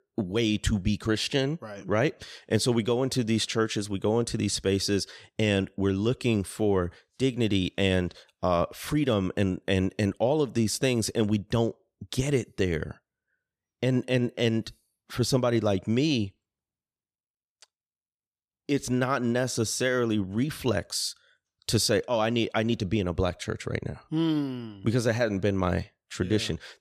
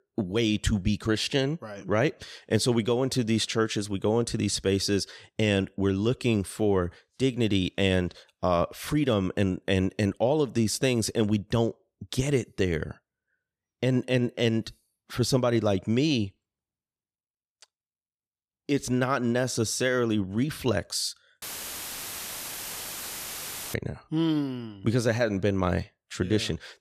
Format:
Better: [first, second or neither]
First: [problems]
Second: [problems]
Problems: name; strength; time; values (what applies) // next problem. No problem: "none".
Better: first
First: none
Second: audio cutting out; filled with static; at 21 s for 2.5 s